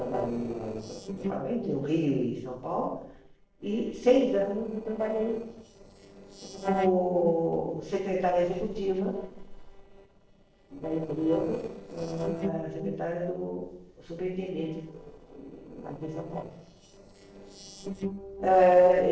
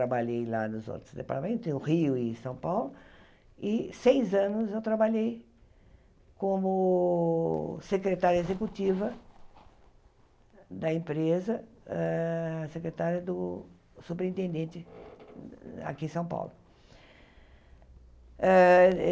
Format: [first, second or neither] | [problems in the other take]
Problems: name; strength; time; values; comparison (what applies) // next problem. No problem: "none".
second | noise reduction (neural separator model SepFormer DNS4)